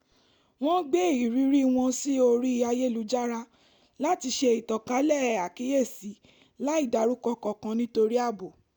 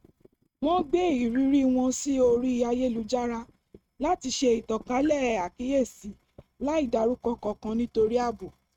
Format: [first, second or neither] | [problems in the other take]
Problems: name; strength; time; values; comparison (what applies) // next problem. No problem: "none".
first | noise reduction (neural mask model RNNoise)